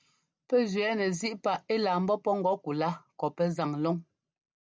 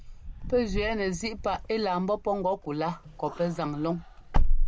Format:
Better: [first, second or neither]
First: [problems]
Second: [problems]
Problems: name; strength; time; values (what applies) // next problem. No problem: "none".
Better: first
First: none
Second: background sound (Wind / Car); 2 dB above the speech